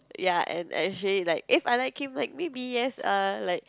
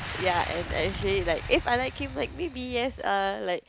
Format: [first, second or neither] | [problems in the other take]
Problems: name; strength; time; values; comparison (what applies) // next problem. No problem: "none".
first | background sound (Boom); 9 dB below the speech